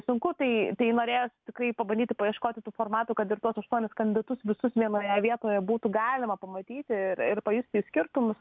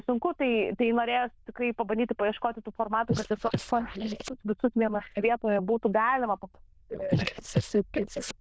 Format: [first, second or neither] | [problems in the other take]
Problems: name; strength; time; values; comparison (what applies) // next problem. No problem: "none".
first | noise reduction (neural diffusion model UNIVERSE++)